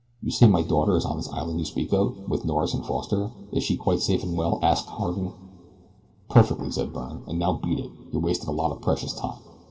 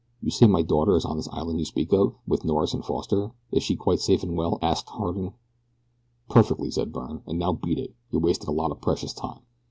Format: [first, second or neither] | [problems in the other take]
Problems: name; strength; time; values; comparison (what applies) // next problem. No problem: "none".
second | room echo; dies away in 2 s